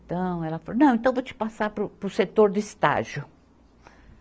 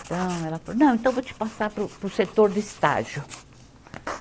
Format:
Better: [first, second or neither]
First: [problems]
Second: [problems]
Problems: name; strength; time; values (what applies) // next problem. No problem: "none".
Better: first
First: none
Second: background sound (Writing); 16 dB below the speech